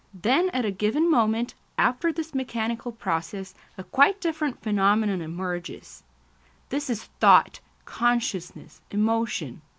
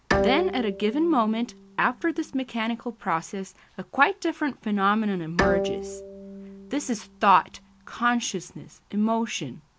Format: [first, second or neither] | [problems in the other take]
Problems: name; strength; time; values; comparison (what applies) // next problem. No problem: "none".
first | background sound (Bowed string instrument); 6 dB below the speech